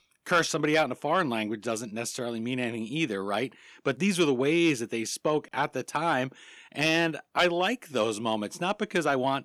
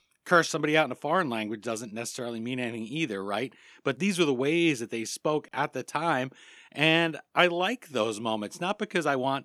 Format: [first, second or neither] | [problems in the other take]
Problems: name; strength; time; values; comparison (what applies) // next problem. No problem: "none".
second | distortion; slight; 10 dB below the speech